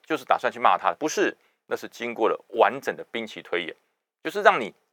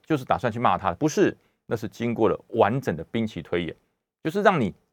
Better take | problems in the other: second | thin; somewhat; fading below 450 Hz

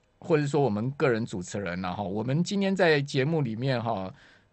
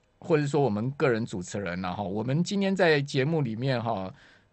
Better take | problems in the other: neither | garbled, watery; slightly; nothing above 8 kHz; the same in both

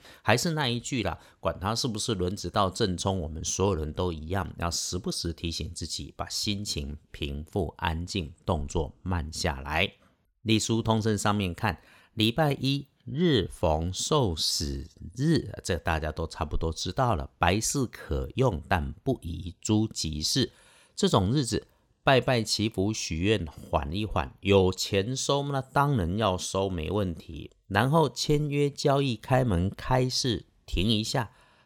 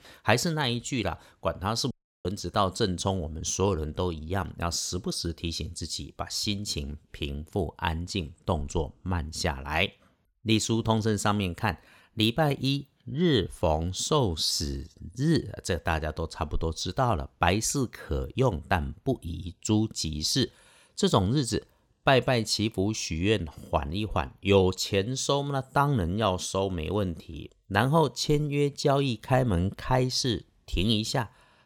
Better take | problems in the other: first | audio cutting out; at 2 s

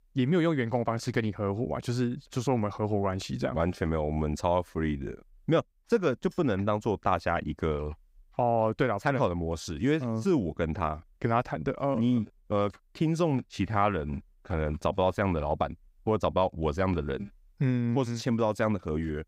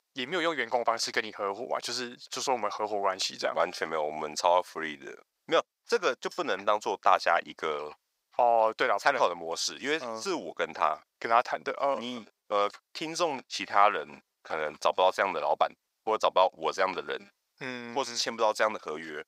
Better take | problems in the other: first | thin; very; fading below 750 Hz

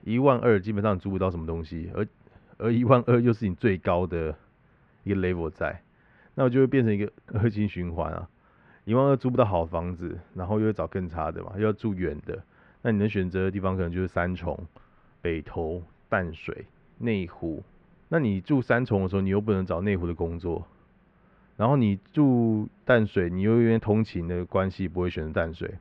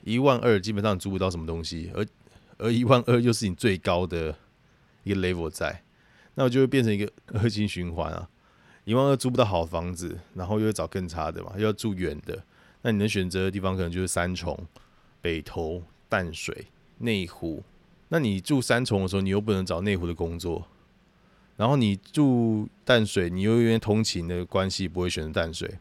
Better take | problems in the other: second | muffled; very; fading above 2 kHz

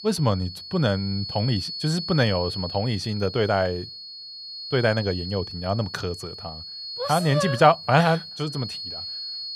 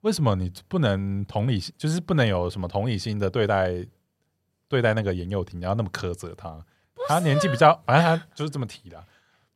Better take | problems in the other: second | high-pitched whine; loud; throughout; 4.5 kHz, 9 dB below the speech

